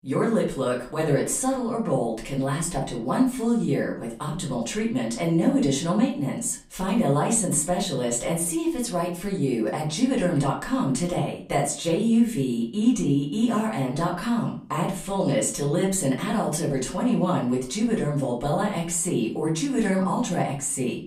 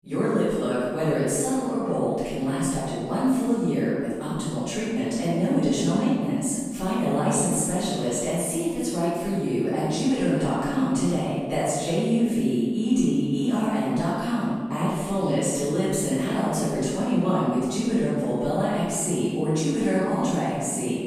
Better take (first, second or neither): first